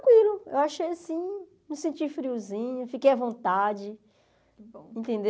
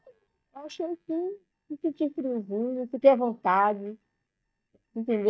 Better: first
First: none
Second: noise reduction (neural mask model DeepFilterNet 3)

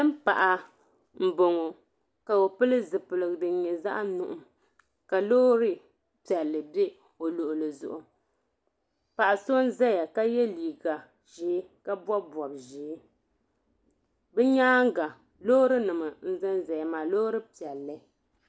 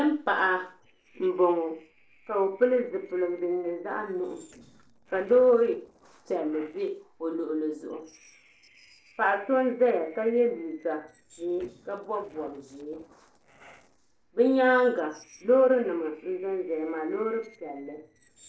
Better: first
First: none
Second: noise reduction (neural separator model SepFormer DNS4)

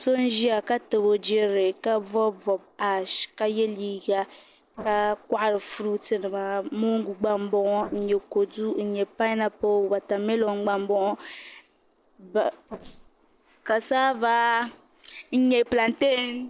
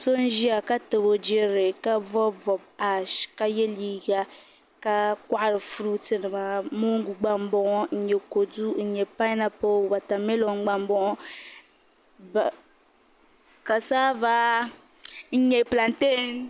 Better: second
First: noise reduction (neural separator model SepFormer DNS4)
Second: none

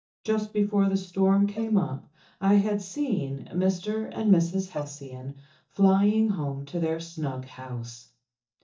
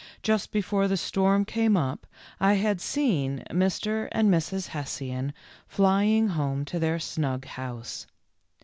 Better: second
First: noise reduction (neural mask model DeepFilterNet 3)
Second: none

